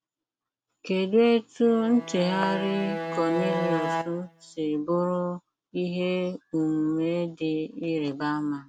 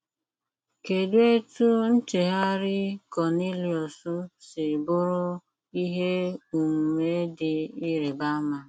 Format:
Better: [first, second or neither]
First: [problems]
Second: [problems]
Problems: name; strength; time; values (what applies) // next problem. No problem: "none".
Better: second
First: background sound (Bowed string instrument); 5 dB below the speech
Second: none